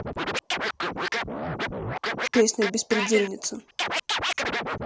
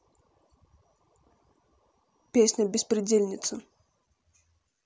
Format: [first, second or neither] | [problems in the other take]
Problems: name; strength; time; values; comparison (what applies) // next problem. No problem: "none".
second | background sound (Scratching (performance technique)); as loud as the speech